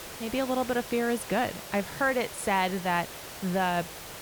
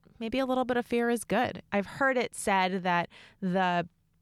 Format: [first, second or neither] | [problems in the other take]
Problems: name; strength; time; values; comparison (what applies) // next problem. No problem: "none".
second | hiss; noticeable; throughout; 10 dB below the speech